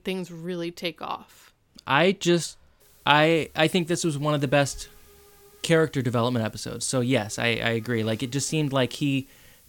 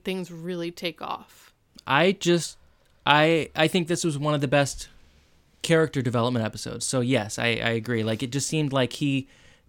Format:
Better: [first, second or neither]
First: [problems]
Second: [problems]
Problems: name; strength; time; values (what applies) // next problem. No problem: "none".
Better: second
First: hiss; faint; from 3 s on; 30 dB below the speech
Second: none